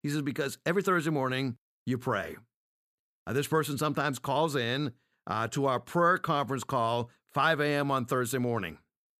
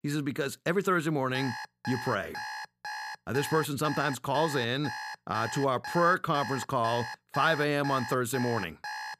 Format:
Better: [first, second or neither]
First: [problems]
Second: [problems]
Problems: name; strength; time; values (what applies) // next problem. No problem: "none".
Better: first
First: none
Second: alarm; noticeable; from 1.5 s on; peak 8 dB below the speech